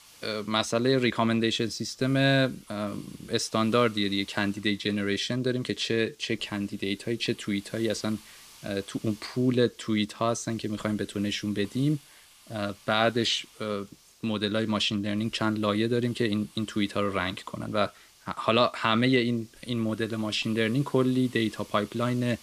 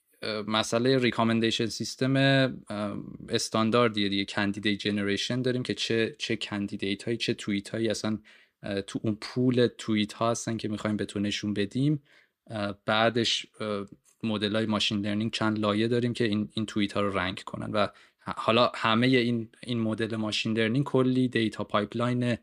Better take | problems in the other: second | hiss; faint; throughout; 25 dB below the speech

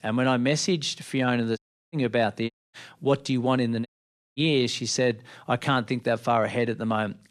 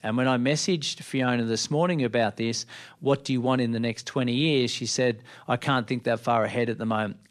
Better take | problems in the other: second | audio cutting out; at 1.5 s, at 2.5 s and at 4 s for 0.5 s

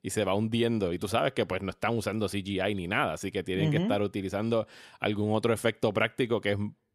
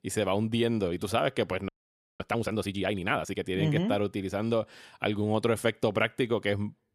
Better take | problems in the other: first | audio freezing; at 1.5 s for 0.5 s

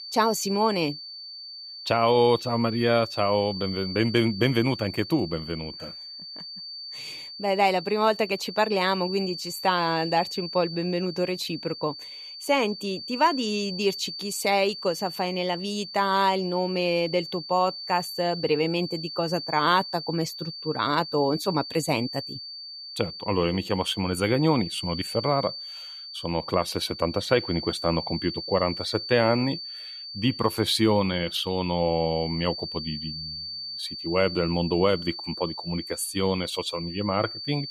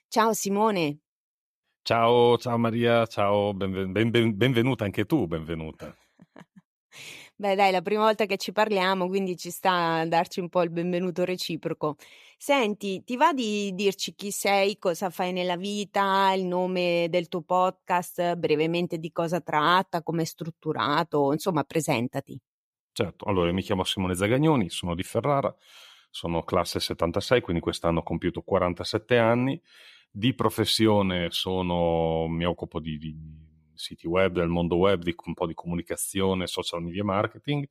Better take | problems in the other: second | high-pitched whine; loud; throughout; 4.5 kHz, 9 dB below the speech

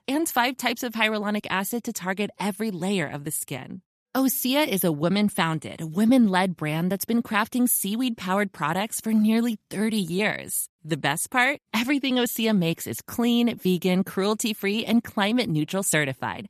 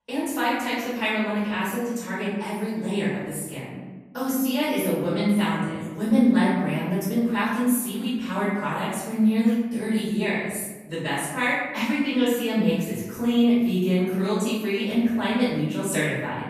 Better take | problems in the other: first | off-mic speech; far // room echo; strong; dies away in 1.1 s

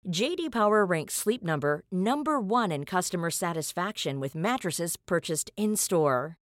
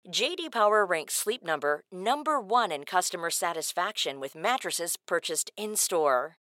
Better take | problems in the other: first | thin; somewhat; fading below 500 Hz

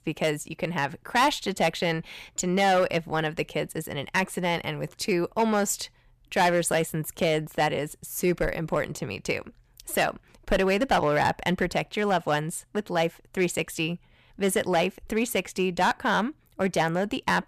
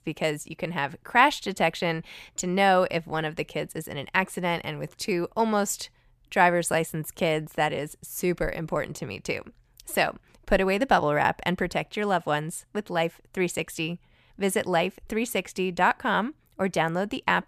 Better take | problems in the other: second | distortion; slight; 4% of the sound clipped

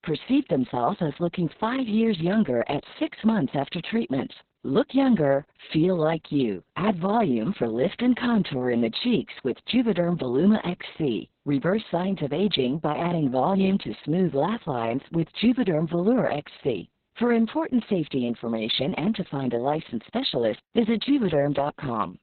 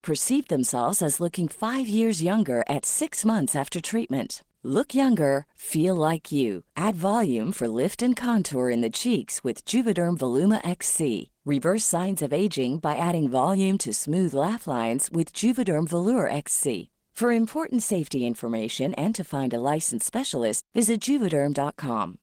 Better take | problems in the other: second | garbled, watery; badly; nothing above 4 kHz; slightly in the second

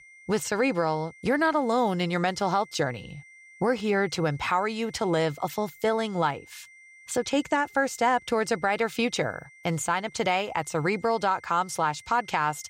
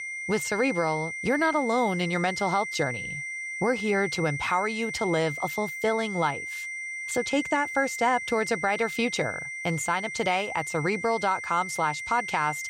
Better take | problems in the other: first | high-pitched whine; loud; throughout; 2 kHz, 6 dB below the speech; faint in the first

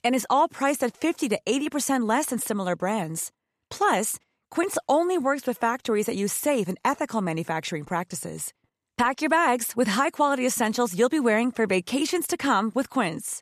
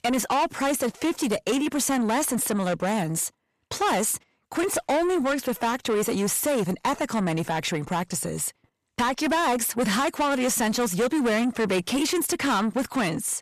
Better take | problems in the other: first | distortion; heavy; 8 dB below the speech

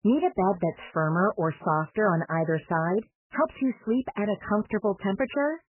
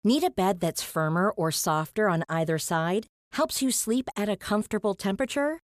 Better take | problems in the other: second | garbled, watery; badly; nothing above 3 kHz

